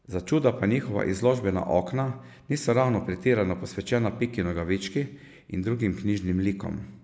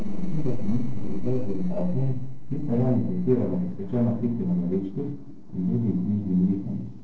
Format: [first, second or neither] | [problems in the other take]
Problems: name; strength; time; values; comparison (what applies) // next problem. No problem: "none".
first | noise reduction (neural separator model SepFormer DNS4)